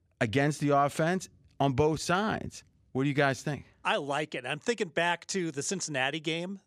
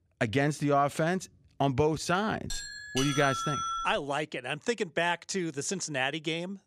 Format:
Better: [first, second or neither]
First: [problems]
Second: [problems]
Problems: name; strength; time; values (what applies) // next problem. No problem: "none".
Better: first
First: none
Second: doorbell; noticeable; from 2.5 to 4 s; peak 2 dB below the speech